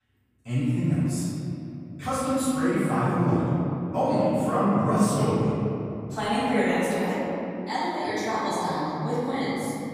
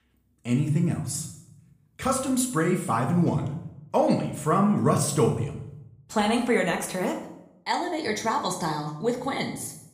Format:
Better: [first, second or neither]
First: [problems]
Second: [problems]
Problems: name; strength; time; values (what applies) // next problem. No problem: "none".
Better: second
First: room echo; strong; dies away in 3 s // off-mic speech; far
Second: room echo; slight; dies away in 0.7 s // off-mic speech; somewhat distant